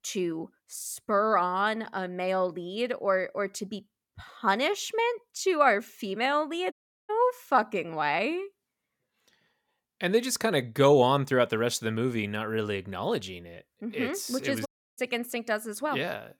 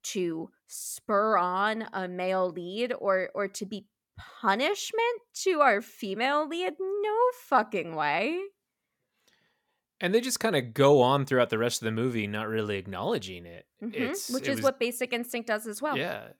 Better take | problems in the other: second | audio cutting out; at 6.5 s and at 15 s

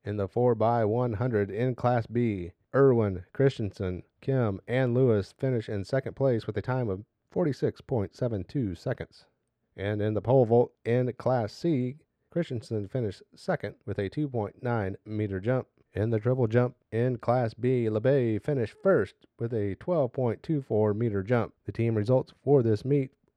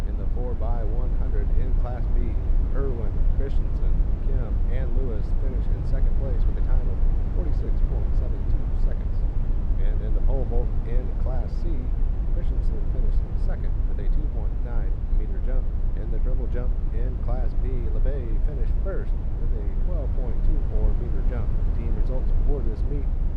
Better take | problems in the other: first | low rumble; loud; throughout; 2 dB below the speech

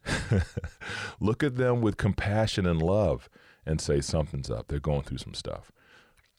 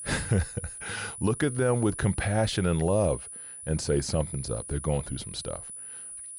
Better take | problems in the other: first | high-pitched whine; loud; throughout; 10 kHz, 10 dB below the speech

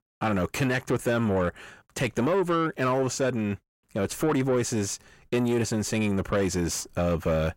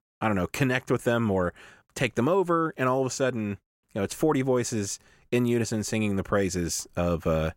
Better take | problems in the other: second | distortion; slight; 10 dB below the speech

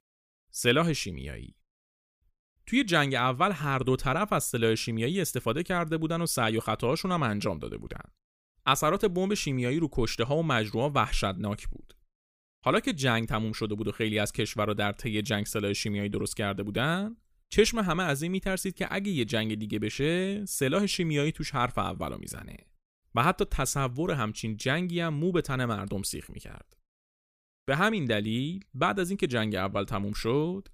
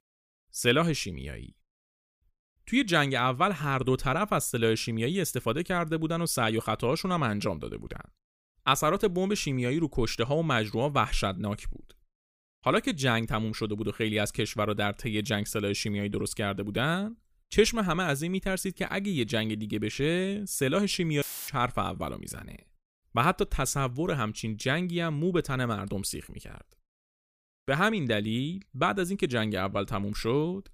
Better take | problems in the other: first | audio cutting out; filled with static; at 21 s

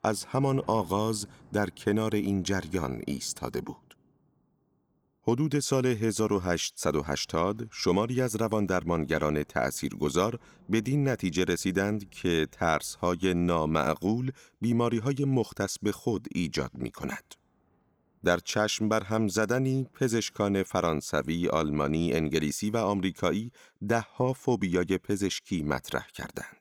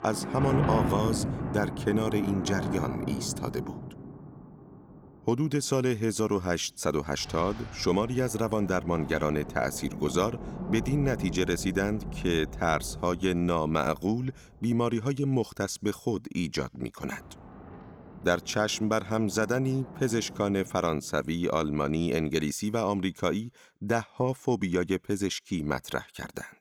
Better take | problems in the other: first | rain or running water; loud; until 21 s; 7 dB below the speech; faint in the first

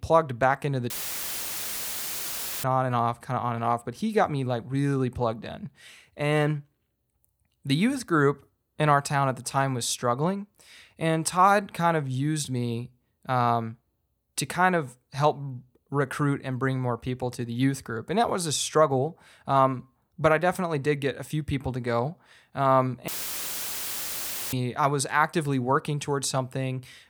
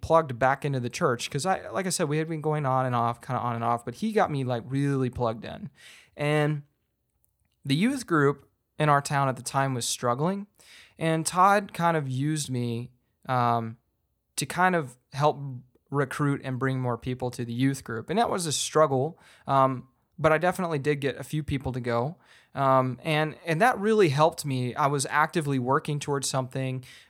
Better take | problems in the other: second | audio cutting out; filled with static; at 1 s for 1.5 s and at 23 s for 1.5 s

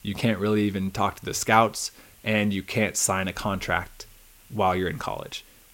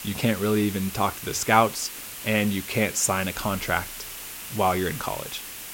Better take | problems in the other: first | hiss; loud; throughout; 10 dB below the speech; faint in the first

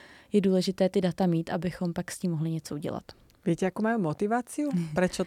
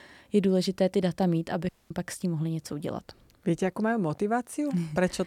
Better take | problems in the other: first | audio cutting out; at 1.5 s

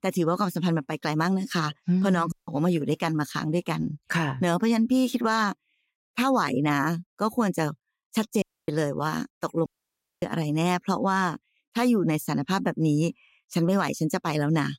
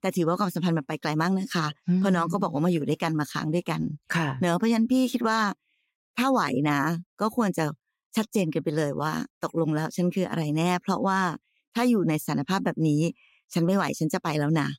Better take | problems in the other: second | audio cutting out; at 2.5 s, at 8.5 s and at 9.5 s for 0.5 s

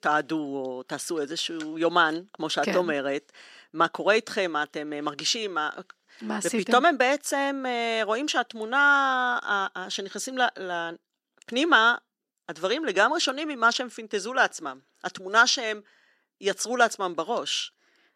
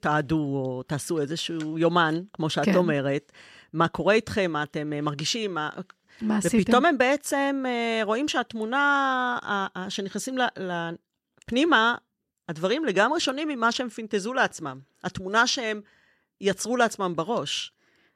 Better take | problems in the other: second | thin; somewhat; fading below 250 Hz

